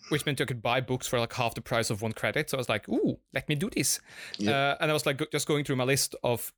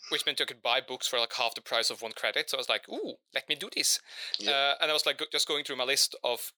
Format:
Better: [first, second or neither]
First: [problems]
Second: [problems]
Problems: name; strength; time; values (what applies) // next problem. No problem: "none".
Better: first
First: none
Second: thin; very; fading below 550 Hz